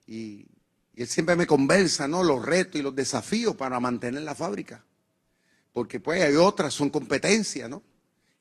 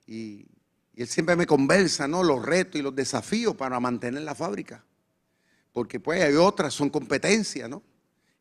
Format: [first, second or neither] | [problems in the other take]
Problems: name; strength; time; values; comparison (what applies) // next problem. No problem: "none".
second | garbled, watery; slightly